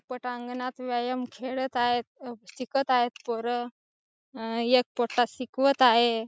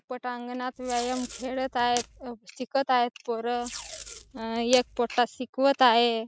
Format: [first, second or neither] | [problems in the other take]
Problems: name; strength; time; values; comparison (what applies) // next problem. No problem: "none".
first | background sound (Packing tape, duct tape); 14 dB below the speech